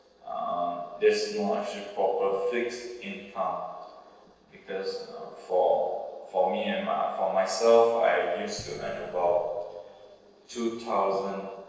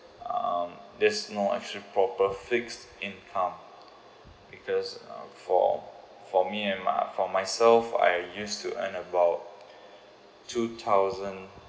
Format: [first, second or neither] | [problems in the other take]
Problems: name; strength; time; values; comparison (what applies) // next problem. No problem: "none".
second | noise reduction (neural separator model SepFormer DNS4)